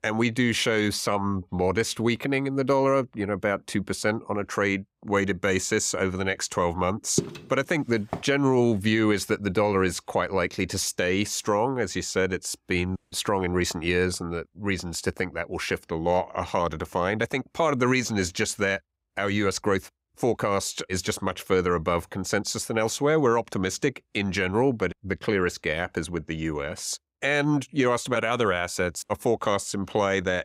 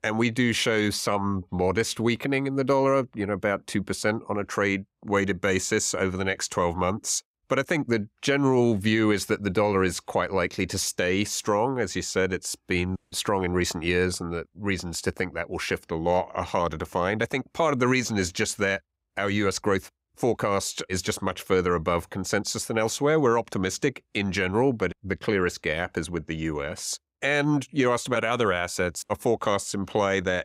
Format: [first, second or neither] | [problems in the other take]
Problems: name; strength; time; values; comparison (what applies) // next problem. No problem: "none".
second | footsteps; noticeable; at 7 s; peak 5 dB below the speech